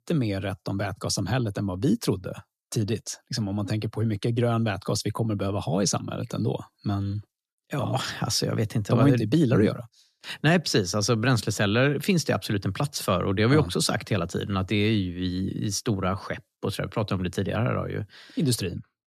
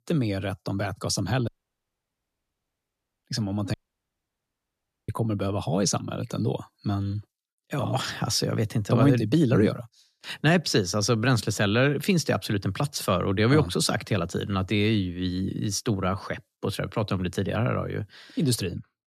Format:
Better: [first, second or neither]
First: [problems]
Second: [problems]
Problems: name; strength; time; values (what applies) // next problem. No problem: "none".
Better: first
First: none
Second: audio cutting out; at 1.5 s for 2 s and at 3.5 s for 1.5 s